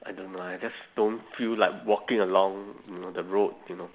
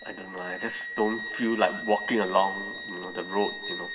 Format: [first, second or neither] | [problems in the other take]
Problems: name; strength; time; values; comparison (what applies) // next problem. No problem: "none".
first | background sound (Wind instrument, woodwind instrument); 8 dB below the speech // room echo; dies away in 2.4 s